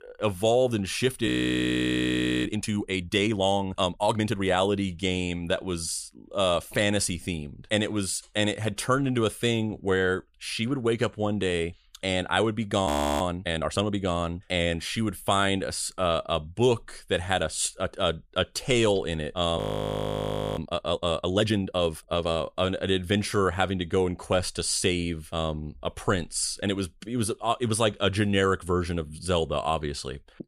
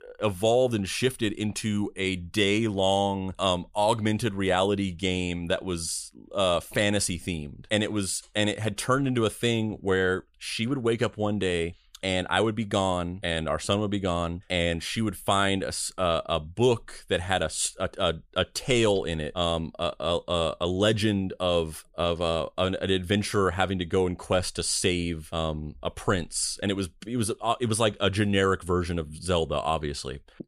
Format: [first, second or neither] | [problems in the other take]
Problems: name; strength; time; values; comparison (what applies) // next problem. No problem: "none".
second | audio freezing; at 1.5 s for 1 s, at 13 s and at 20 s for 1 s